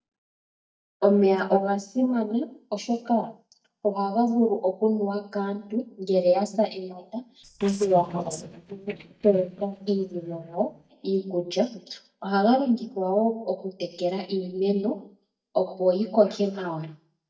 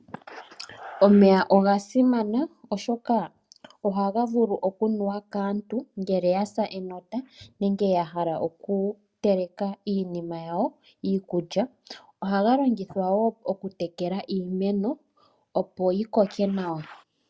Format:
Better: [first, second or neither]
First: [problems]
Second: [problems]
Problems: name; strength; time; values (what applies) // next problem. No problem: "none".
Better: second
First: noise reduction (neural mask model DeepFilterNet 3)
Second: none